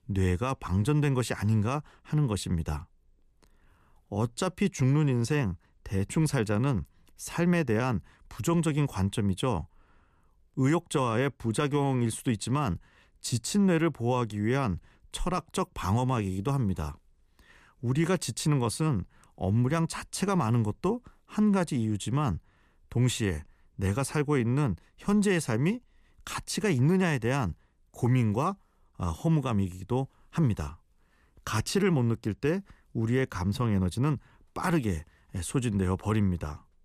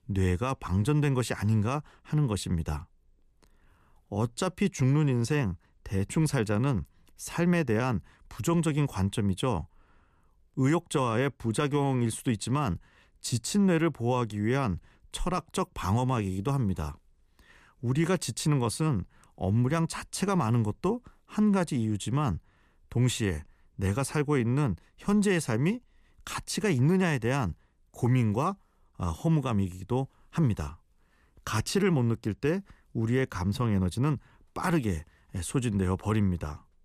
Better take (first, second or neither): neither